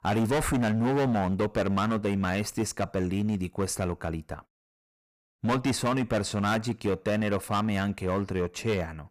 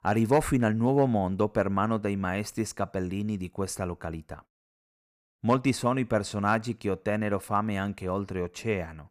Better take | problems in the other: second | distortion; heavy; 13% of the sound clipped

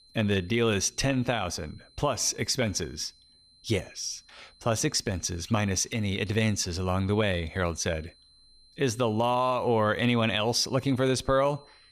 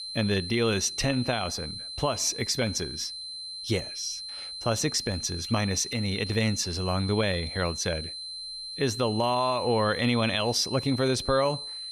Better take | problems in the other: first | high-pitched whine; loud; throughout; 4 kHz, 8 dB below the speech; faint in the first

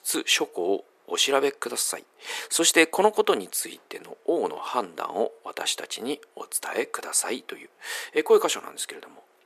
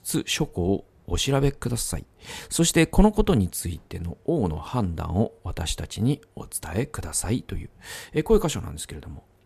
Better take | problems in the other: second | thin; very; fading below 350 Hz

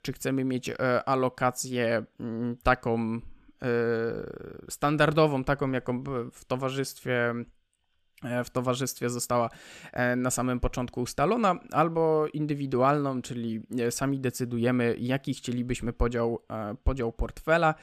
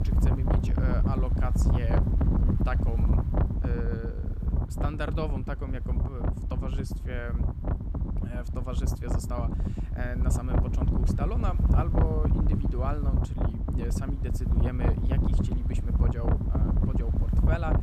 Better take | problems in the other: first | wind noise on the microphone; heavy; 1 dB above the speech

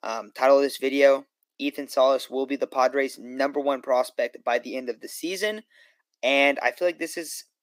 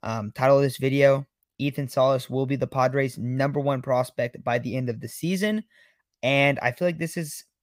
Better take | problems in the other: second | thin; very slightly; fading below 300 Hz

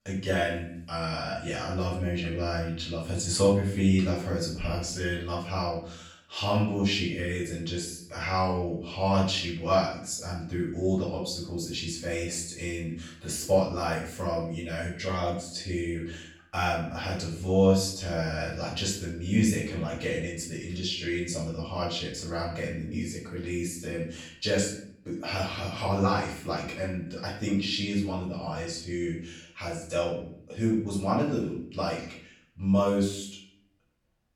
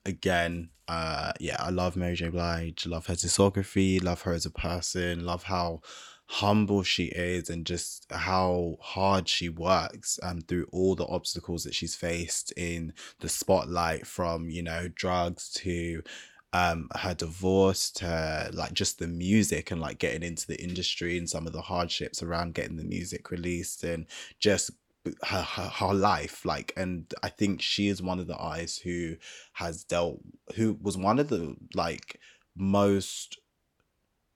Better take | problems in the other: second | off-mic speech; far // room echo; noticeable; dies away in 0.5 s

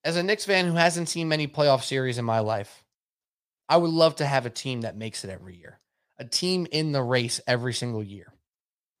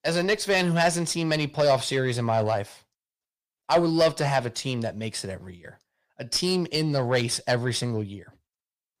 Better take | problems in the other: first | distortion; slight; 10 dB below the speech

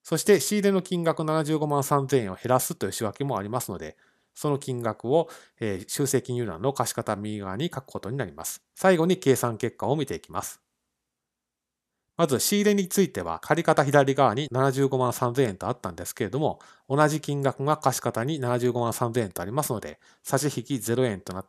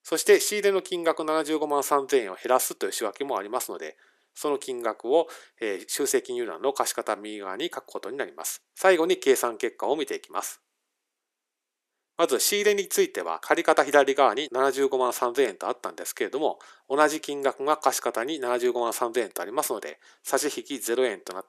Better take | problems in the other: first | thin; somewhat; fading below 350 Hz

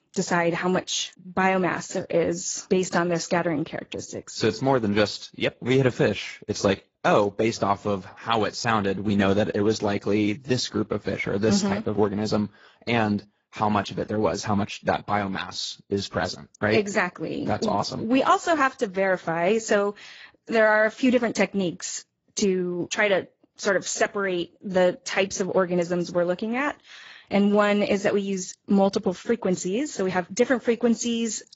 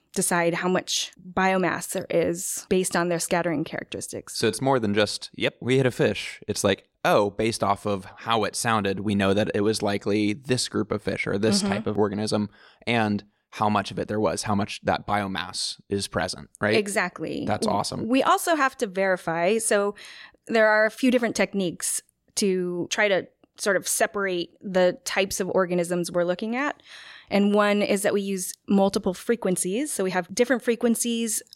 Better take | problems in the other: second | garbled, watery; badly; nothing above 7.5 kHz

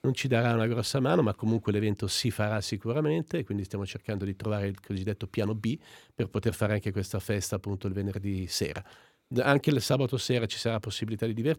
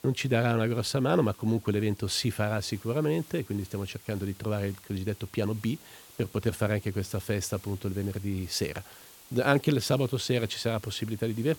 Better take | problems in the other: first | hiss; faint; throughout; 20 dB below the speech

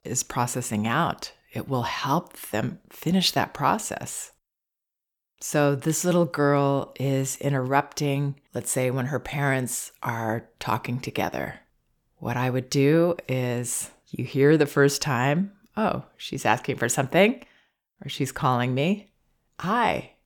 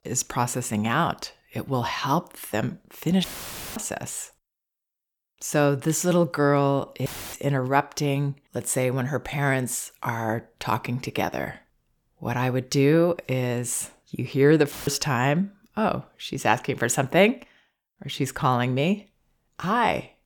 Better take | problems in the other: first | audio cutting out; filled with static; at 3 s for 0.5 s, at 7 s and at 15 s

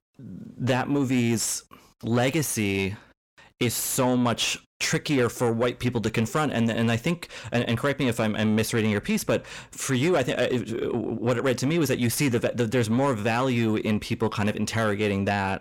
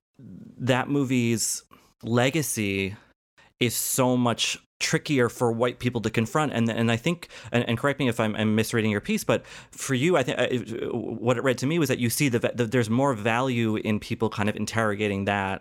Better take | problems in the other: second | distortion; slight; 10 dB below the speech

